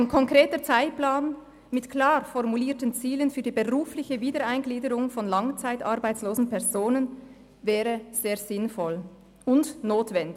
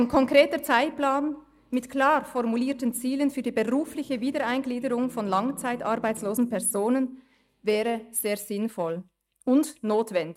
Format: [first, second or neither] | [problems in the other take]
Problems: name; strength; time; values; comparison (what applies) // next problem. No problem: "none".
first | noise reduction (neural mask model DeepFilterNet 3)